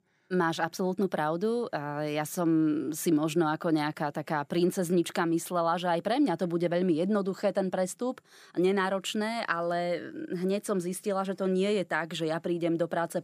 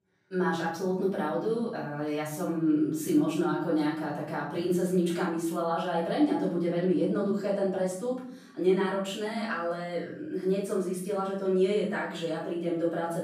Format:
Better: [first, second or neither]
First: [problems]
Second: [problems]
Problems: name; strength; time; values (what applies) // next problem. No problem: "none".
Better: first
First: none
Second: off-mic speech; far // room echo; noticeable; dies away in 0.8 s